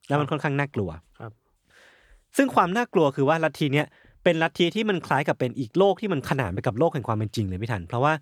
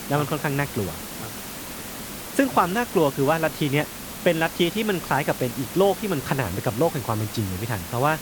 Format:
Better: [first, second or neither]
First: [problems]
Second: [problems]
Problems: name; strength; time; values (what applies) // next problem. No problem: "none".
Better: first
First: none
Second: hiss; loud; throughout; 9 dB below the speech